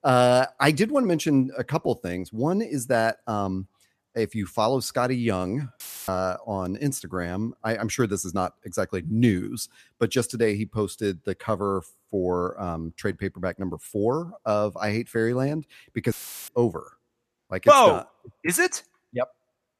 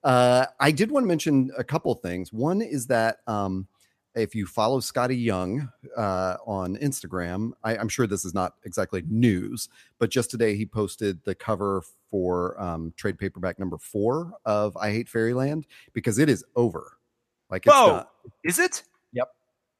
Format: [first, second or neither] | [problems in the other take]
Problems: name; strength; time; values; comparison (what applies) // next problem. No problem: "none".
second | audio cutting out; filled with static; at 6 s and at 16 s